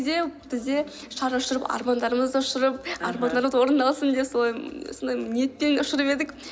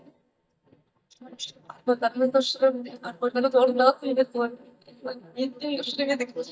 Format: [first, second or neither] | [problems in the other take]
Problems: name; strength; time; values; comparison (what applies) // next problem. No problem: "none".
first | noise reduction (neural mask model DeepFilterNet 3)